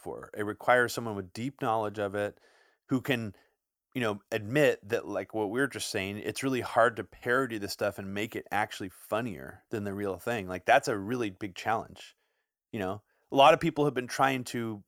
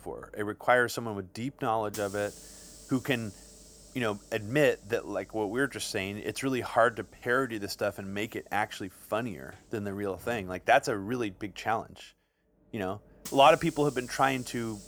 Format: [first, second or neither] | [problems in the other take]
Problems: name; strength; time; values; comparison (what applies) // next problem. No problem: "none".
first | hiss; faint; throughout; 20 dB below the speech